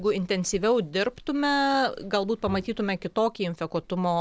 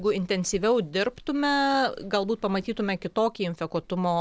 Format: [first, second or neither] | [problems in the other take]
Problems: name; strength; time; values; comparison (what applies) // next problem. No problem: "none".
second | background sound (Bowed string instrument); 15 dB below the speech